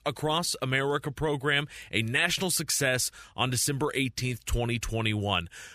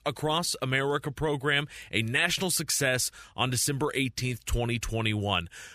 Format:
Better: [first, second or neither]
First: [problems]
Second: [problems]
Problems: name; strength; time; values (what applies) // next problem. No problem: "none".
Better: neither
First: none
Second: none